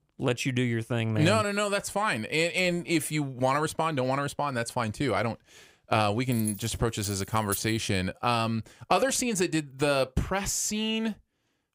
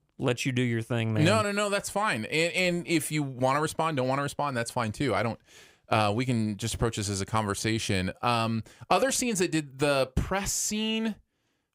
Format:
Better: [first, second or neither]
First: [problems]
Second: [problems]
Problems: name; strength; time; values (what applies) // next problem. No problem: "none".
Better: second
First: jangling keys; noticeable; from 6.5 to 7.5 s; peak 7 dB below the speech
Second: none